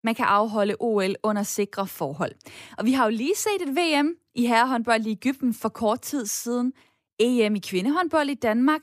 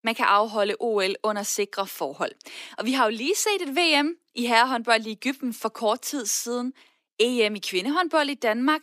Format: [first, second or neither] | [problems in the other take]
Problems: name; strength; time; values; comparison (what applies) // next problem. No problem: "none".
first | thin; very slightly; fading below 300 Hz